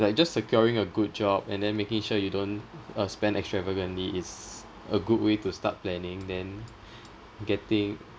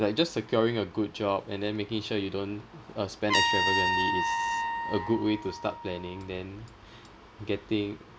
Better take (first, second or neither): first